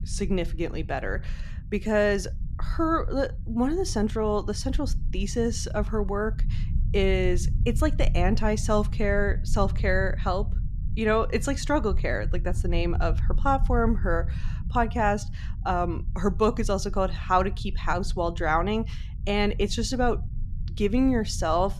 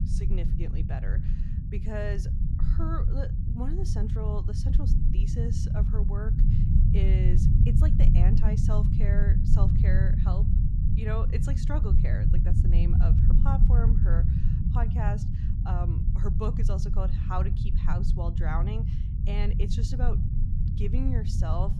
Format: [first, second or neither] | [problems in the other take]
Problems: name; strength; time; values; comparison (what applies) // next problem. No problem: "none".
first | low rumble; loud; throughout; 1 dB below the speech; faint in the first